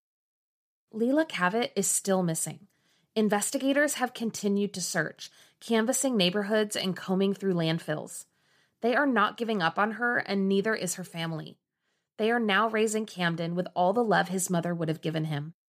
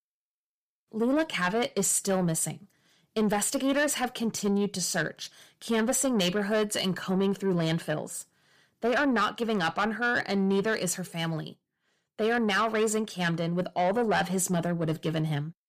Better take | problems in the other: first | distortion; slight; 10 dB below the speech

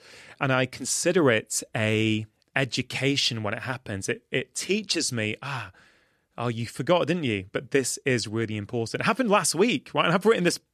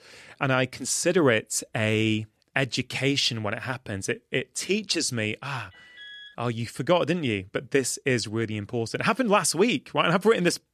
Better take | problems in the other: first | alarm; faint; at 5.5 s; peak 15 dB below the speech

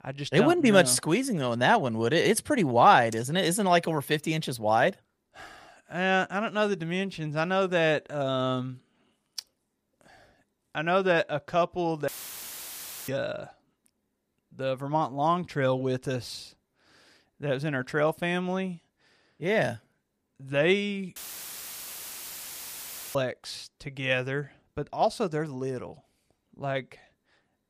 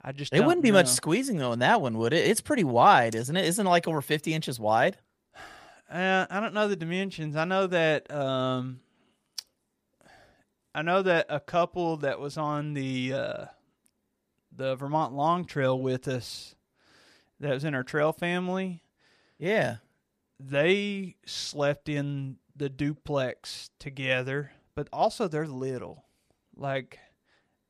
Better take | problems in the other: second | audio cutting out; filled with static; at 12 s for 1 s and at 21 s for 2 s

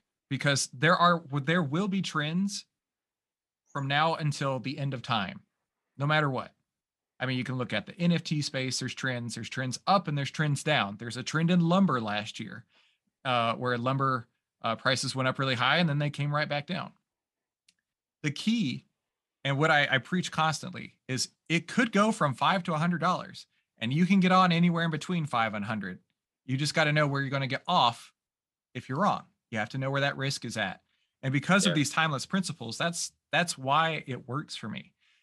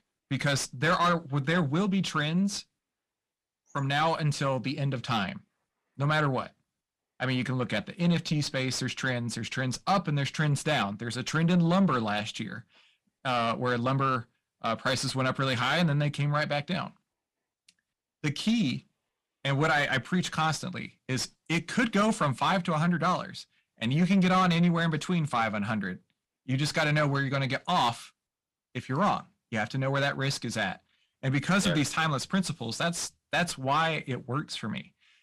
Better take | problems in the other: first | distortion; slight; 10 dB below the speech

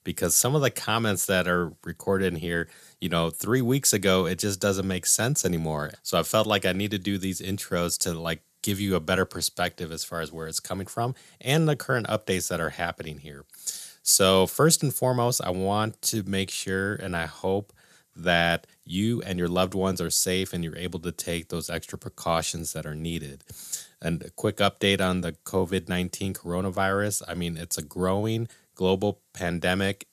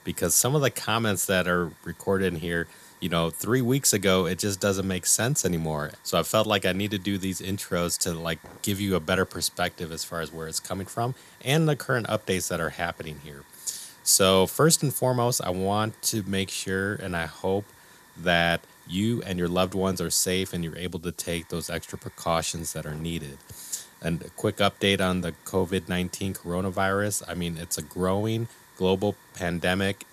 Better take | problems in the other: first | hiss; faint; throughout; 25 dB below the speech

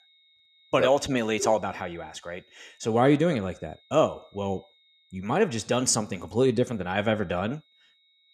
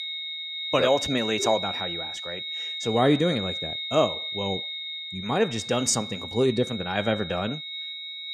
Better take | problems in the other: first | high-pitched whine; loud; throughout; 3.5 kHz, 5 dB below the speech; faint in the first

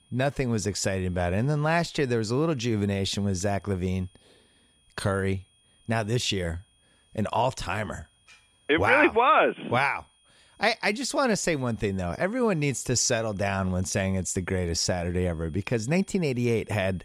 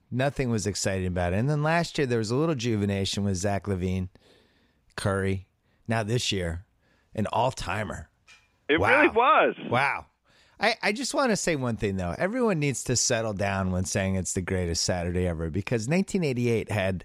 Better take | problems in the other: second | high-pitched whine; faint; throughout; 3.5 kHz, 35 dB below the speech

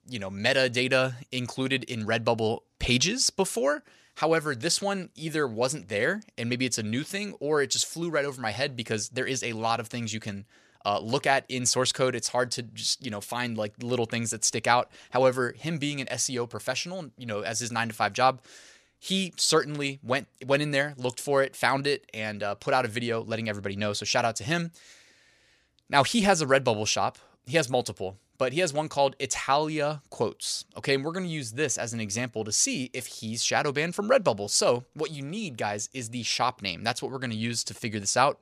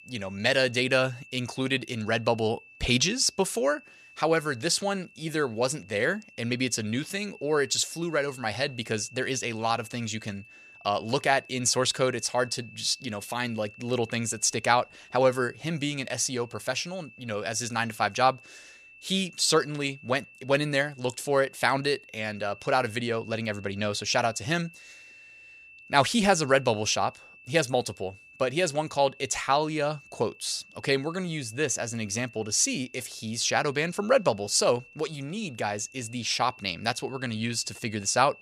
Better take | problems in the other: first | high-pitched whine; faint; throughout; 2.5 kHz, 20 dB below the speech

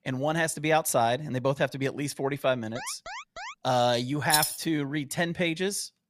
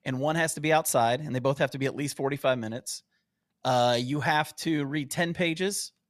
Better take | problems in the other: second | alarm; faint; at 3 s; peak 10 dB below the speech // jangling keys; loud; at 4.5 s; peak 2 dB above the speech

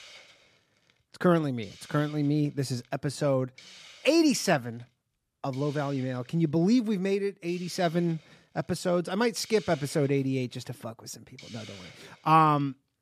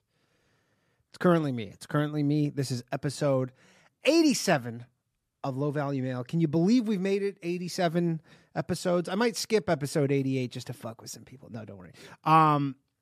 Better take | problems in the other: second | hiss; faint; throughout; 20 dB below the speech

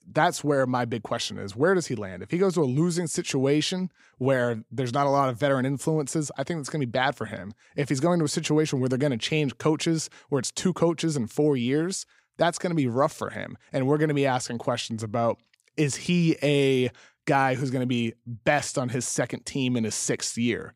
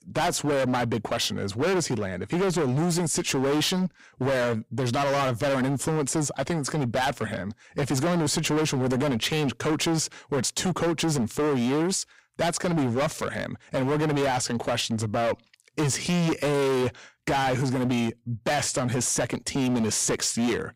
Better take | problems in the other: first | distortion; heavy; 25% of the sound clipped

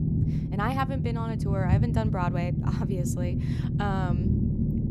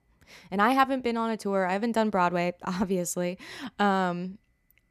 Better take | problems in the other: second | low rumble; loud; throughout; 4 dB below the speech

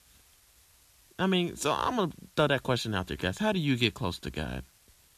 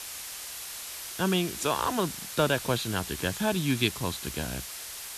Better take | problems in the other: first | hiss; loud; throughout; 7 dB below the speech; faint in the first

